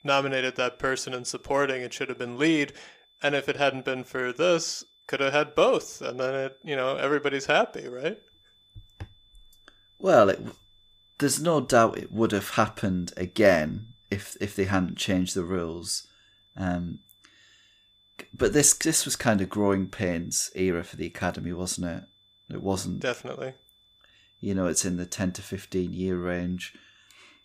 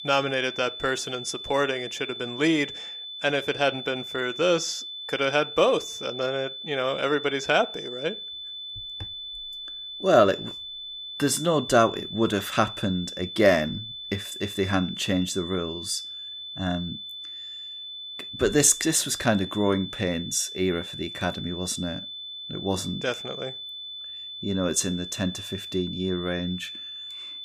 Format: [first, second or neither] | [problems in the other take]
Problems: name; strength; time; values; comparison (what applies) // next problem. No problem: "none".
first | high-pitched whine; loud; throughout; 3.5 kHz, 9 dB below the speech; faint in the first